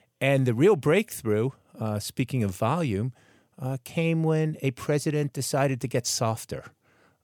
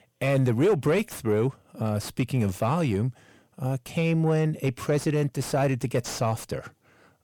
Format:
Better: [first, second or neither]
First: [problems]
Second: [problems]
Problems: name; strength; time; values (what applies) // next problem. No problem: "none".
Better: first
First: none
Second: distortion; slight; 10 dB below the speech